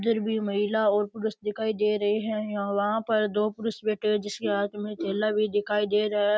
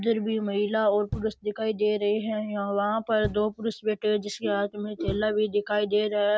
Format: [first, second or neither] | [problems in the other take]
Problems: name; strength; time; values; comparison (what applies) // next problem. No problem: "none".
first | background sound (Knock); 13 dB below the speech